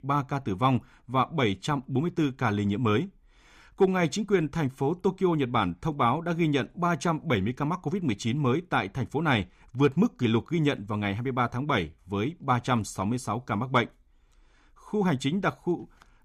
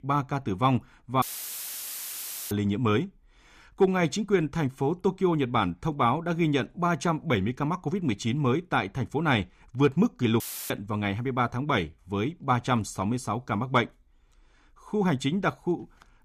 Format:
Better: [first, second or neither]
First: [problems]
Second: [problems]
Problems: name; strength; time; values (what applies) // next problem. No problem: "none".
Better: first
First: none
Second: audio cutting out; filled with static; at 1 s for 1.5 s and at 10 s